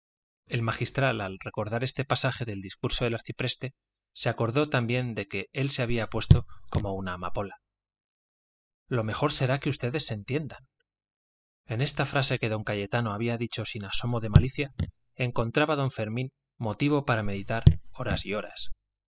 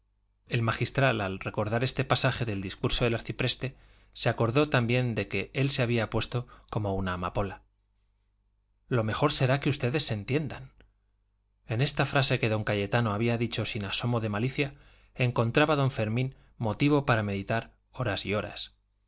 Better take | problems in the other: second | noise reduction (classical method spectral subtraction)

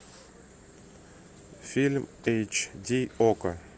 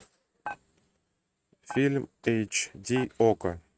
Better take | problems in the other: first | noise reduction (neural mask model RNNoise)

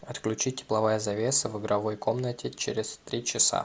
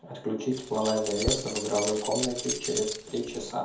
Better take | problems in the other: first | background sound (Keys jangling); 5 dB below the speech // room echo; dies away in 0.5 s

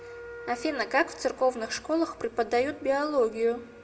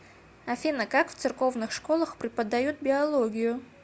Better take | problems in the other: second | background sound (Wind instrument, woodwind instrument); 18 dB below the speech // room echo; dies away in 0.8 s

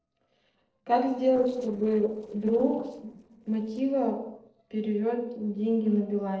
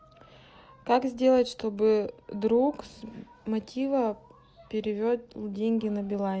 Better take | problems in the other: second | noise reduction (neural separator model SepFormer DNS4)

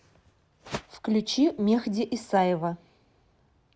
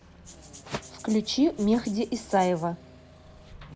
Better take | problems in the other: first | background sound (Engine / Mechanisms + Rattle (instrument)); 19 dB below the speech

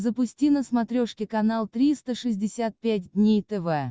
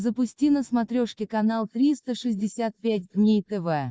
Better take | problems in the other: first | noise reduction (neural mask model Resemble Enhance denoiser)

